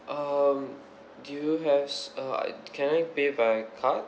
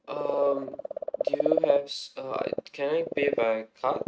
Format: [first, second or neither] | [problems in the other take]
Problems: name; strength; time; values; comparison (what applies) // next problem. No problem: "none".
first | noise reduction (neural mask model RNNoise)